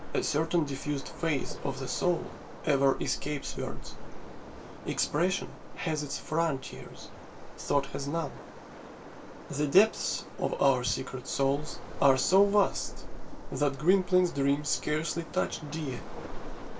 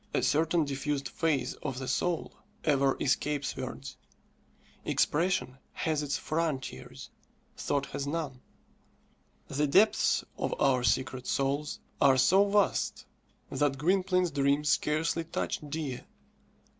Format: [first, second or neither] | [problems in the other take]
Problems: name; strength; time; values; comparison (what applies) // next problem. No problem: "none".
second | background sound (Waves, surf); 8 dB below the speech // room echo; dies away in 0.2 s